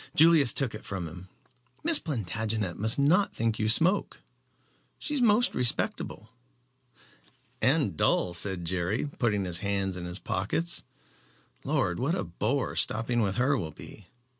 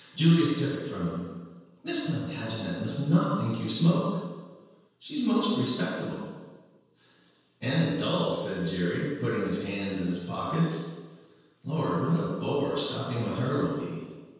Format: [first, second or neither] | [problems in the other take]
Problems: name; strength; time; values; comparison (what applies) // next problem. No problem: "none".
first | room echo; dies away in 1.2 s